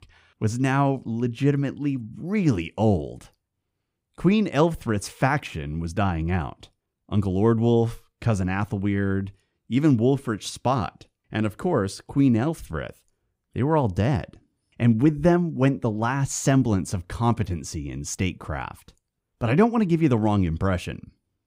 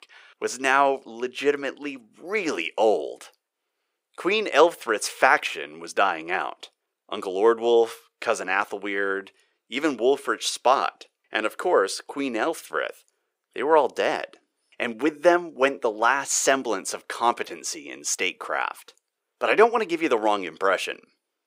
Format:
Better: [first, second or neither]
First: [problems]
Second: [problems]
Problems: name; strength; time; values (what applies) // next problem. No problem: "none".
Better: first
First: none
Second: thin; very; fading below 450 Hz